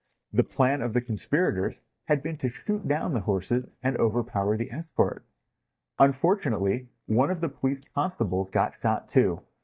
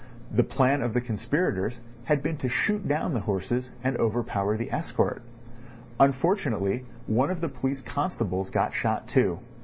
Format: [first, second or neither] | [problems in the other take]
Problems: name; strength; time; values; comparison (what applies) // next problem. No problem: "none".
second | noise reduction (neural mask model DeepFilterNet 3)